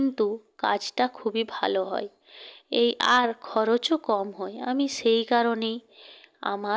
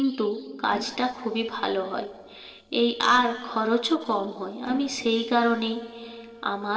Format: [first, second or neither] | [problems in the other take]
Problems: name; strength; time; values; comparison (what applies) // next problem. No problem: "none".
first | noise reduction (neural separator model SepFormer DNS4)